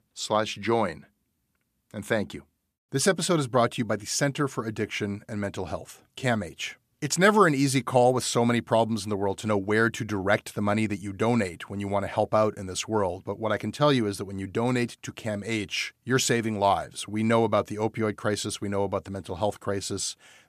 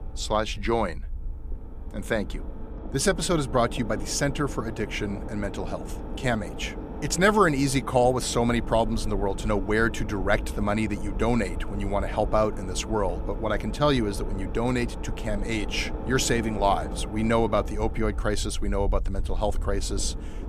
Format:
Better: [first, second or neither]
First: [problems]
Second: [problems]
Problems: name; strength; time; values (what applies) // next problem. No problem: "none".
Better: first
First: none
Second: low rumble; noticeable; throughout; 15 dB below the speech